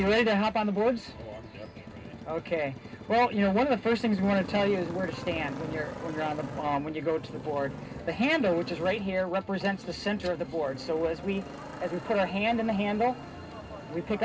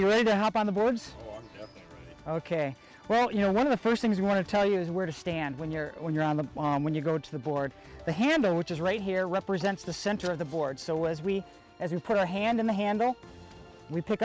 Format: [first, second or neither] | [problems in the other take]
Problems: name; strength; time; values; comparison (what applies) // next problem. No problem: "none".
second | background sound (Motorcycle); 12 dB below the speech // room echo; dies away in 0.2 s